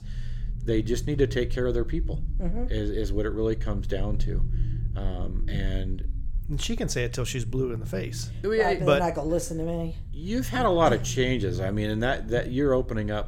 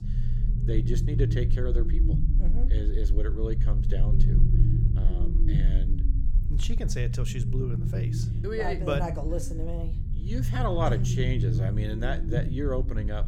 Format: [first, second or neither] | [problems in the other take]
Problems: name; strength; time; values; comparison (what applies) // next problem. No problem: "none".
first | low rumble; loud; throughout; 6 dB below the speech; faint in the first